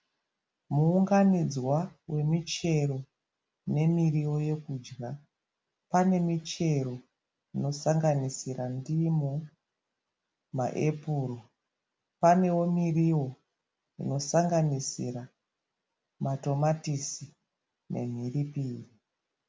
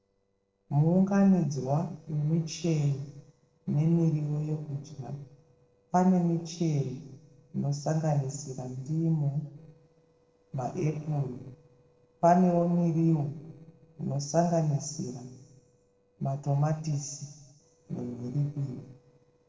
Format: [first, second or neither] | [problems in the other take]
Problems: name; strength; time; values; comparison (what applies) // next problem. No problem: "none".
first | noise reduction (neural separator model SepFormer DNS4)